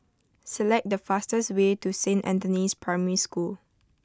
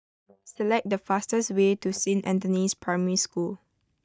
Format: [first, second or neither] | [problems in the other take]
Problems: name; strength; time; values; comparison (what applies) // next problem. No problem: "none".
first | noise reduction (neural mask model DeepFilterNet 3)